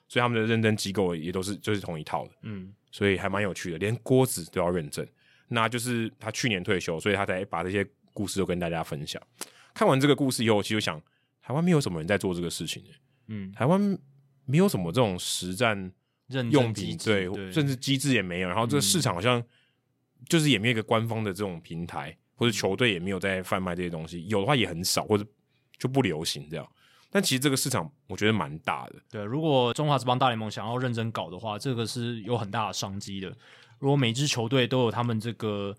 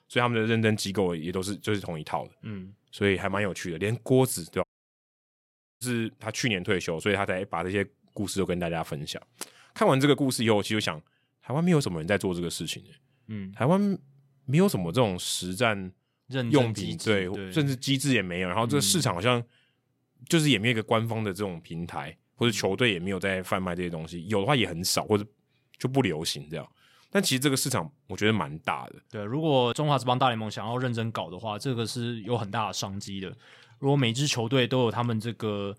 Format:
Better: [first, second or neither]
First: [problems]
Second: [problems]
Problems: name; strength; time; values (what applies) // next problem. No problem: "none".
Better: first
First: none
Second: audio cutting out; at 4.5 s for 1 s